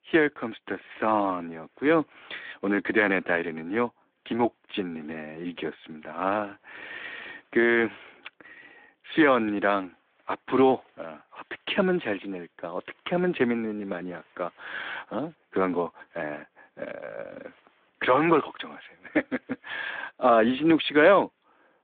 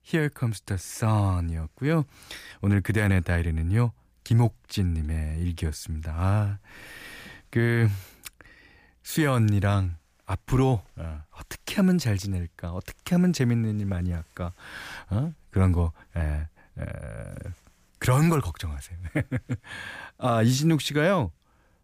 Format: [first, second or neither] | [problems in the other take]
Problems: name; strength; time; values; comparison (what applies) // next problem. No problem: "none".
second | phone-call audio